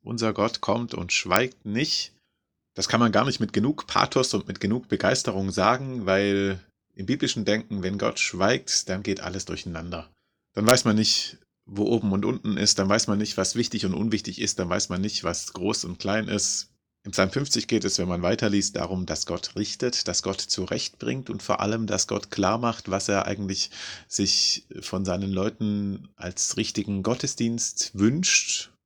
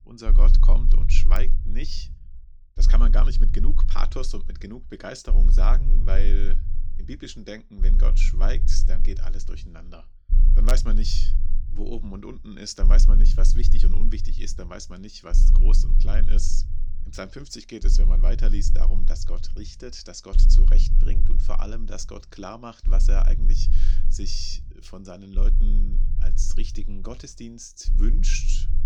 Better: first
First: none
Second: low rumble; noticeable; throughout; 10 dB below the speech

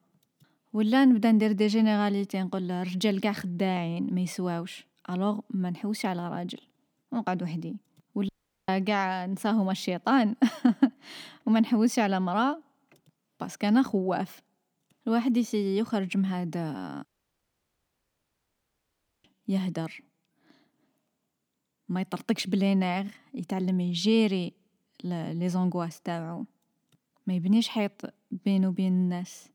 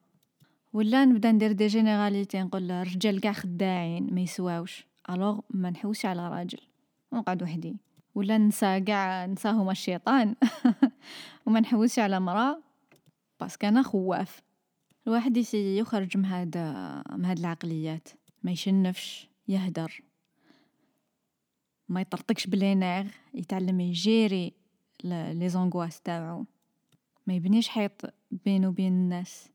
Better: second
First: audio cutting out; at 8.5 s and at 17 s for 2 s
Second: none

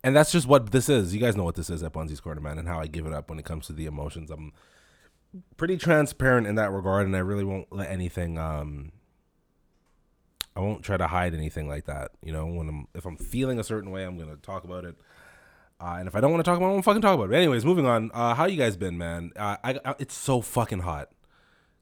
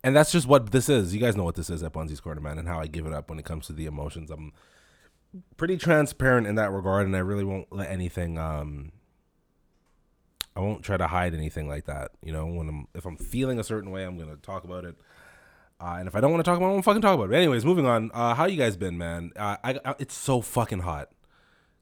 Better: neither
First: none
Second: none

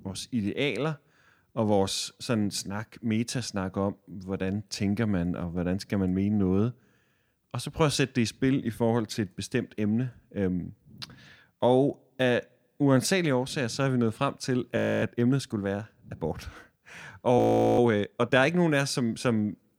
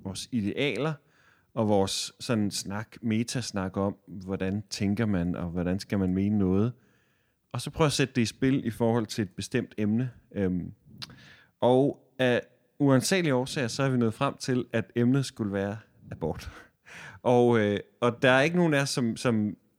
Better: second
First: audio freezing; at 15 s and at 17 s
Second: none

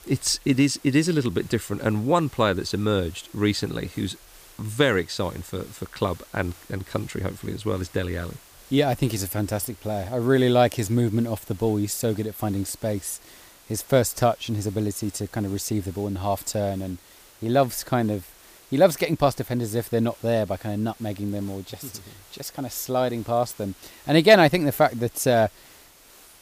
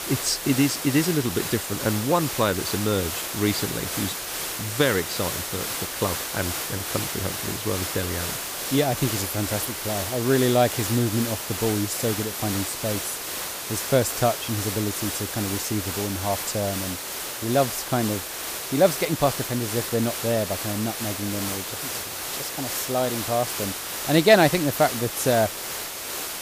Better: first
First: hiss; faint; throughout; 25 dB below the speech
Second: hiss; loud; throughout; 3 dB below the speech

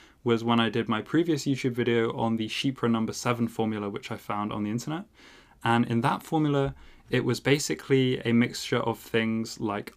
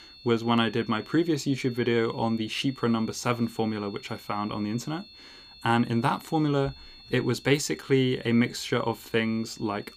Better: first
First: none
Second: high-pitched whine; faint; throughout; 4.5 kHz, 20 dB below the speech

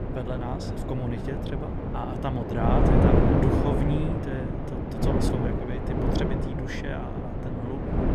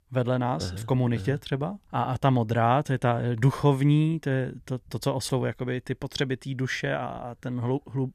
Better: second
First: wind noise on the microphone; heavy; 4 dB above the speech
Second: none

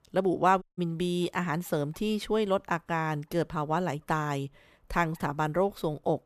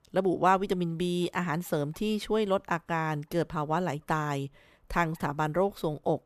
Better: second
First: audio cutting out; at 0.5 s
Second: none

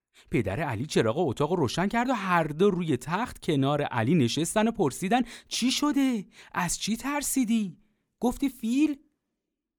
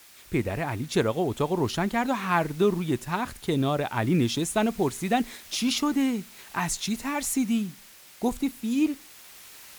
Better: first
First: none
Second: hiss; noticeable; throughout; 20 dB below the speech

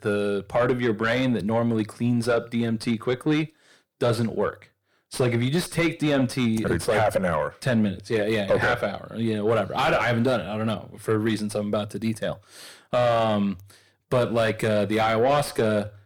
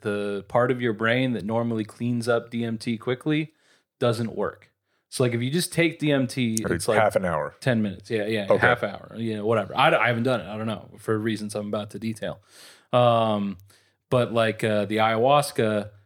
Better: second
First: distortion; heavy; 8 dB below the speech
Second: none

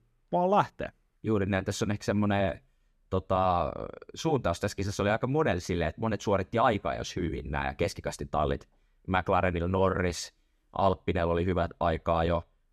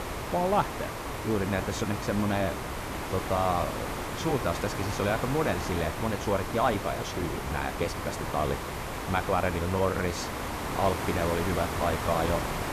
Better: first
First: none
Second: hiss; loud; throughout; 4 dB below the speech

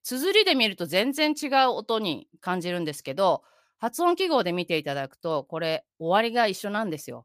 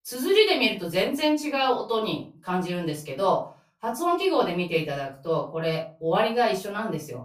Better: first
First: none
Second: off-mic speech; far // room echo; slight; dies away in 0.3 s

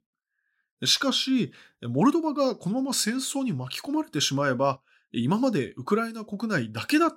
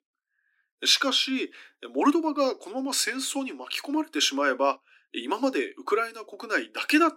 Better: first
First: none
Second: thin; very slightly; fading below 250 Hz

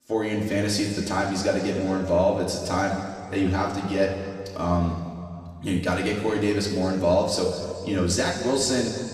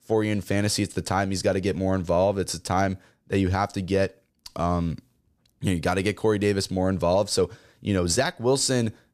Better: second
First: room echo; noticeable; dies away in 2.1 s // off-mic speech; far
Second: none

